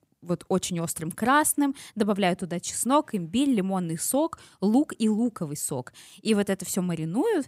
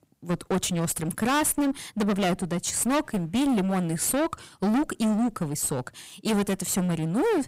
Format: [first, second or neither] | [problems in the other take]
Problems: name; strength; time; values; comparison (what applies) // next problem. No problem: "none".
first | distortion; heavy; 22% of the sound clipped